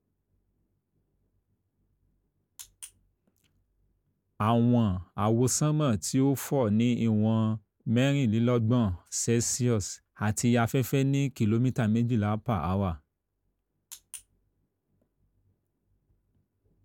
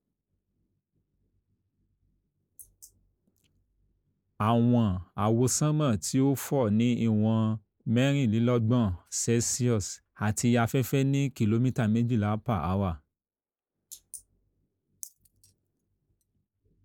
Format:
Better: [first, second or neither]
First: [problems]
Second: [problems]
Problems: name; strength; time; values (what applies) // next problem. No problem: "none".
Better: first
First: none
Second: noise reduction (neural mask model Resemble Enhance denoiser)